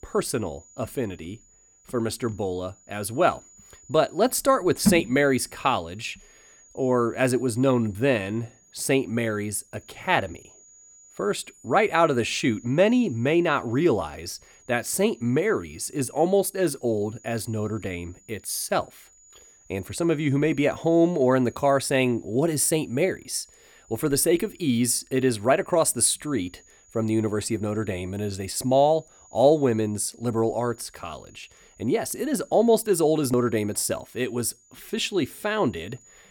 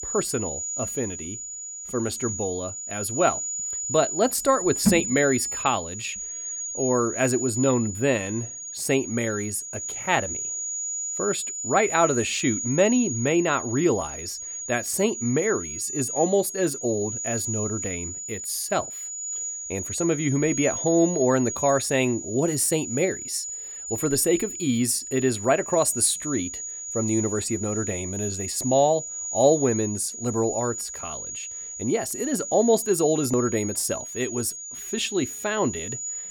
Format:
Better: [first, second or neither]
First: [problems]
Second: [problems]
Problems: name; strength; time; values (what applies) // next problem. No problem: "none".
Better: first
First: high-pitched whine; faint; throughout; 6.5 kHz, 30 dB below the speech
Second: high-pitched whine; loud; throughout; 6.5 kHz, 5 dB below the speech